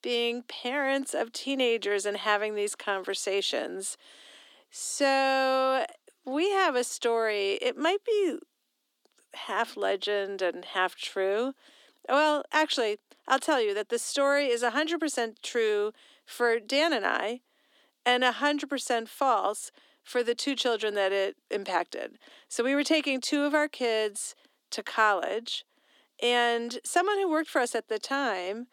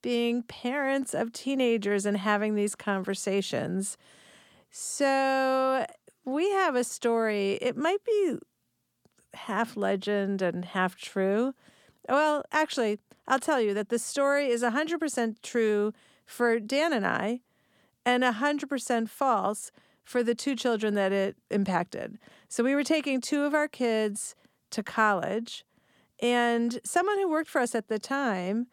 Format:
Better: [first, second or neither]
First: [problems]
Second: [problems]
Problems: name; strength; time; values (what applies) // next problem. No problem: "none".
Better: second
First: thin; very slightly; fading below 300 Hz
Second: none